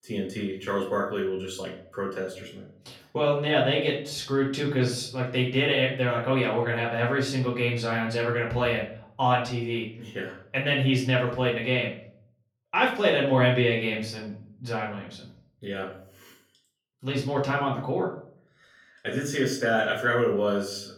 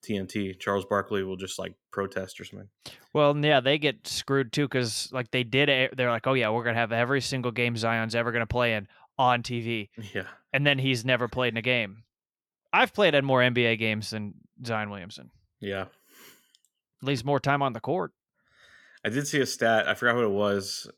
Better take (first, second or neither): second